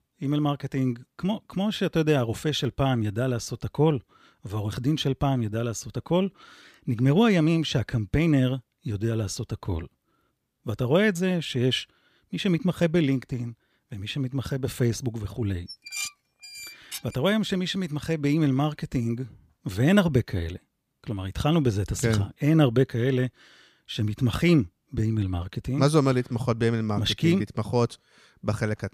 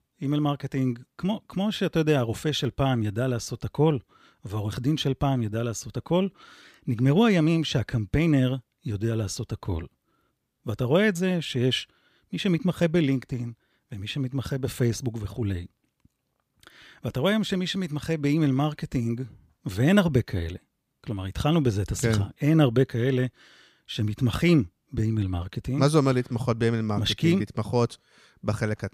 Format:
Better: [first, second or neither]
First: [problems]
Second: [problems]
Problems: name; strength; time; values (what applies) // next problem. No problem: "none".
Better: second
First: clattering dishes; noticeable; from 16 to 17 s; peak 6 dB below the speech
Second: none